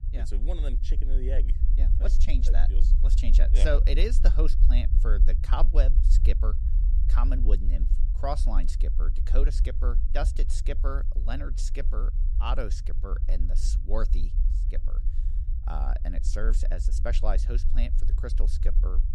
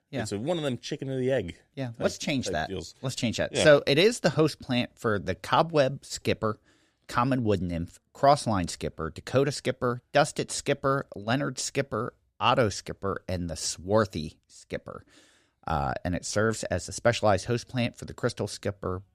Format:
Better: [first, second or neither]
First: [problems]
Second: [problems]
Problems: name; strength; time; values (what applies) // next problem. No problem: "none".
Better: second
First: low rumble; noticeable; throughout; 10 dB below the speech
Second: none